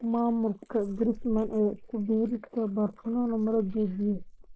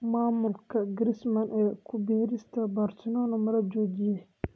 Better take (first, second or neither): second